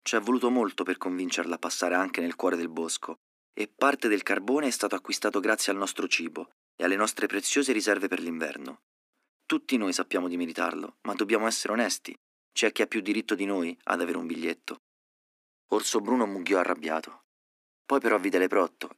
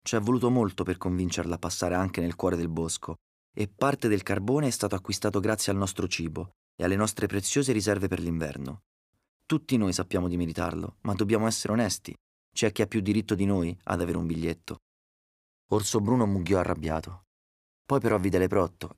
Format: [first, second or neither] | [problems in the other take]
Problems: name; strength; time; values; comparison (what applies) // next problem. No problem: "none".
second | thin; very slightly; fading below 250 Hz